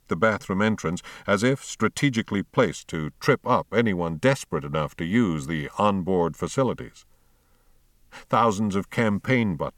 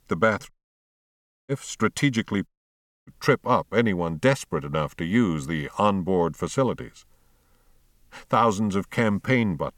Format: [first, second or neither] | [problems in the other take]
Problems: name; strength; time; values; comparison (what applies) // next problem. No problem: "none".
first | audio cutting out; at 0.5 s for 1 s and at 2.5 s for 0.5 s